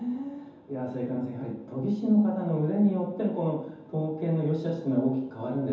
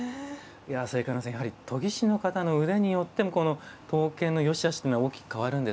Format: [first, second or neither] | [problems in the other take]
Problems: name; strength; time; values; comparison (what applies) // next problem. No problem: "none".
second | room echo; dies away in 0.9 s